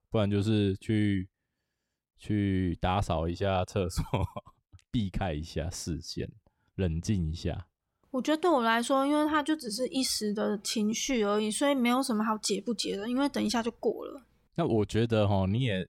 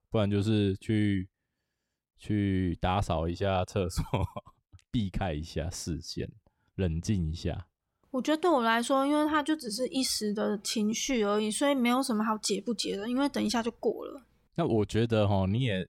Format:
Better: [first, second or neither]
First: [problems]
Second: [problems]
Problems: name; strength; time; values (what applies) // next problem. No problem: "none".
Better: neither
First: none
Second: none